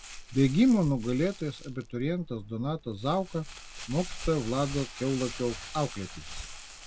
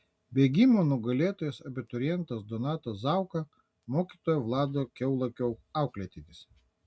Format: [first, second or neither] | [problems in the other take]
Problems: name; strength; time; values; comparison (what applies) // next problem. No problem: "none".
second | background sound (Crumpling, crinkling); 12 dB below the speech